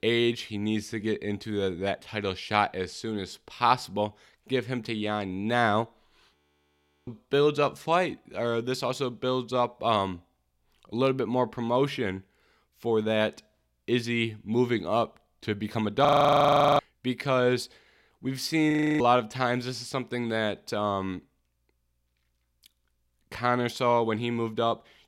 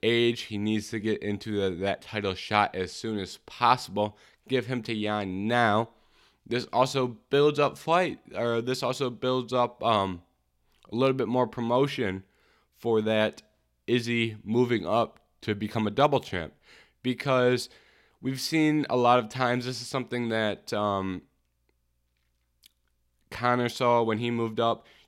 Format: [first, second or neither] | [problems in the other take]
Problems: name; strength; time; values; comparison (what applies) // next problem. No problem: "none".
second | audio freezing; at 6.5 s for 0.5 s, at 16 s for 0.5 s and at 19 s